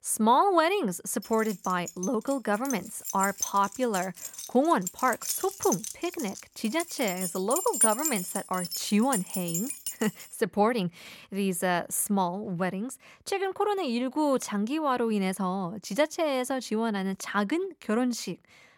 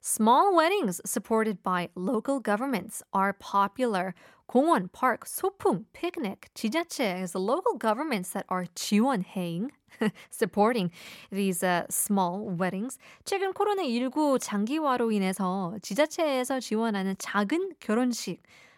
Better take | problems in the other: second | jangling keys; loud; from 2 to 10 s; peak 5 dB above the speech

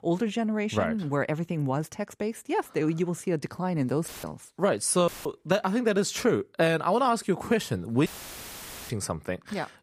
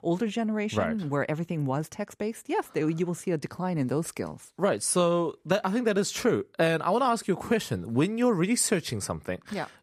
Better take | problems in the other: second | audio cutting out; filled with static; at 4 s, at 5 s and at 8 s for 1 s

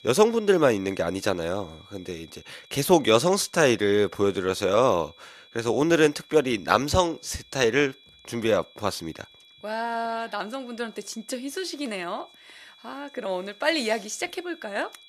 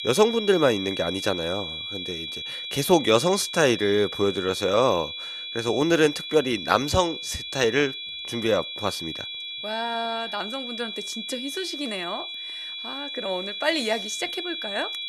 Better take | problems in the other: first | high-pitched whine; loud; throughout; 3.5 kHz, 7 dB below the speech; faint in the first

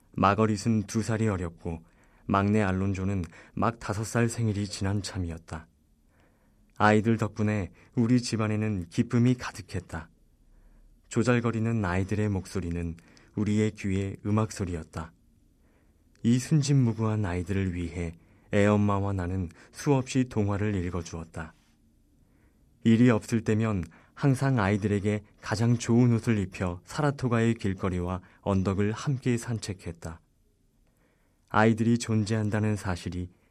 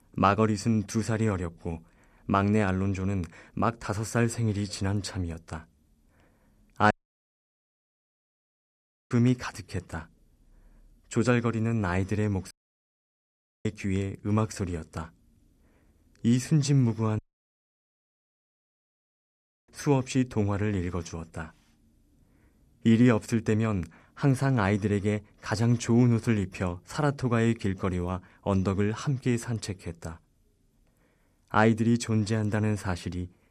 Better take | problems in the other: first | audio cutting out; at 7 s for 2 s, at 13 s for 1 s and at 17 s for 2.5 s

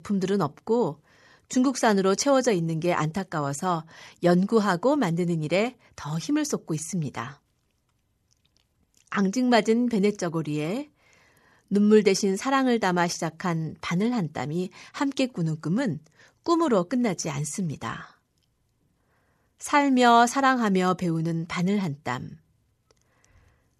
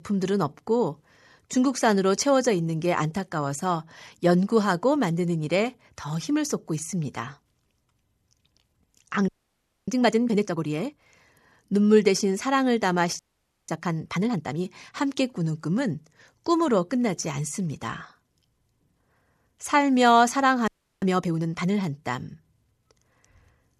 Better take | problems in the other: first | audio freezing; at 9.5 s for 0.5 s, at 13 s and at 21 s

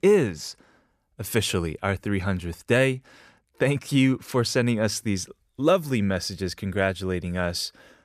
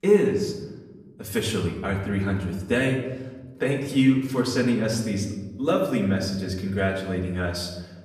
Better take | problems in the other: first | room echo; slight; dies away in 1 s // off-mic speech; far

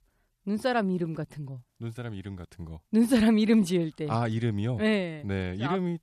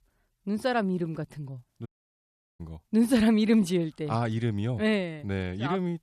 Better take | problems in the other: first | audio cutting out; at 2 s for 0.5 s

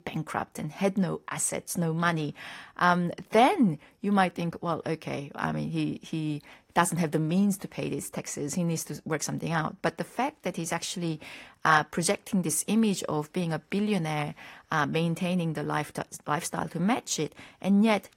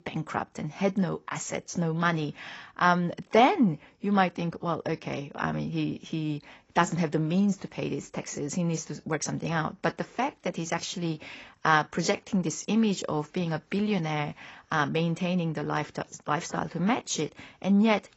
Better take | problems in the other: first | garbled, watery; badly; nothing above 7.5 kHz; slightly in the first

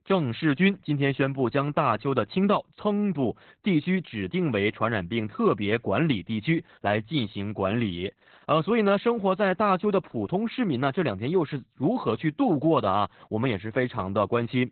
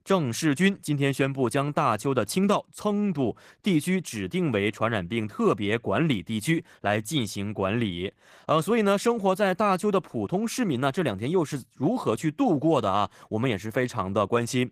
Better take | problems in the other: second | garbled, watery; badly; nothing above 4 kHz; slightly in the second

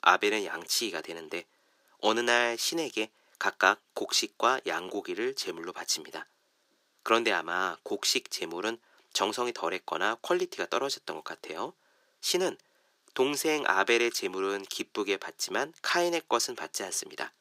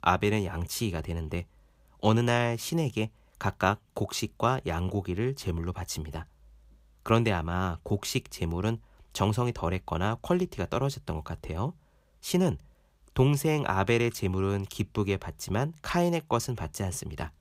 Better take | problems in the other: second | thin; very; fading below 300 Hz

